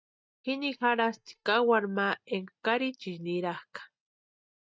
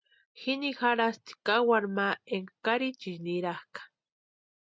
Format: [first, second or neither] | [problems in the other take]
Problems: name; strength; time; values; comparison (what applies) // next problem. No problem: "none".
second | noise reduction (neural mask model DeepFilterNet 3)